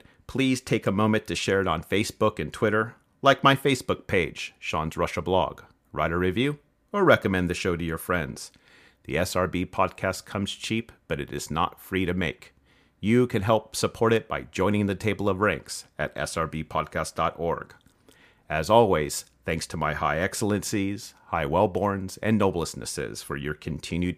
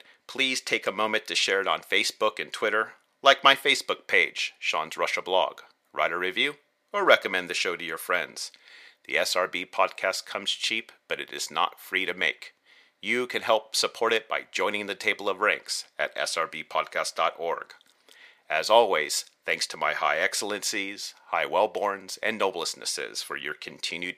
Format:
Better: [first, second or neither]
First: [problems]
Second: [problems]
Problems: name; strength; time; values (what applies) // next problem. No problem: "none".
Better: first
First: none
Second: thin; very; fading below 500 Hz